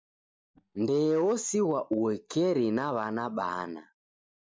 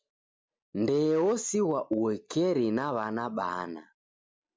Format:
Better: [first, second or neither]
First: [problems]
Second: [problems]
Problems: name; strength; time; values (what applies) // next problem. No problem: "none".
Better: second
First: noise reduction (neural mask model DeepFilterNet 3)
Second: none